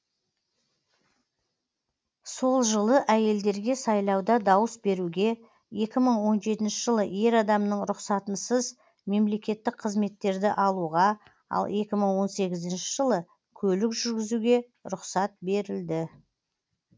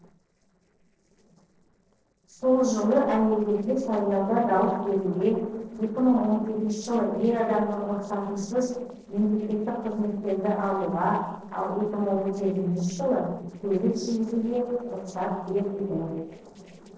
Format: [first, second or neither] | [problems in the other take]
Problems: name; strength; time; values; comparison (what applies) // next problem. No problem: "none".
first | noise reduction (neural separator model SepFormer DNS4)